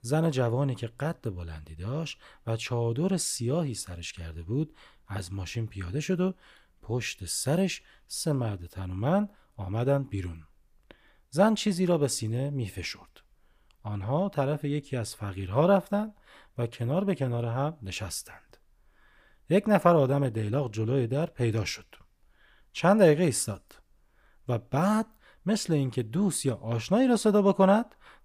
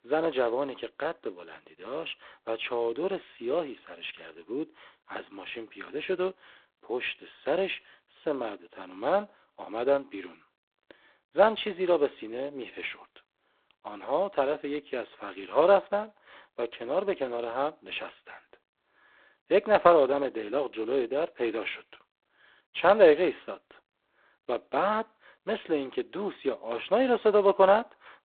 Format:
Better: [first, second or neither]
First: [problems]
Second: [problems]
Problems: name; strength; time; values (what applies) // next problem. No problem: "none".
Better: first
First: none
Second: phone-call audio; poor line; nothing above 3.5 kHz